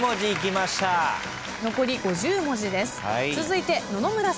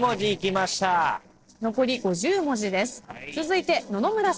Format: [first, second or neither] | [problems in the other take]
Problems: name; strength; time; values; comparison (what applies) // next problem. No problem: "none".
first | noise reduction (neural separator model SepFormer DNS4)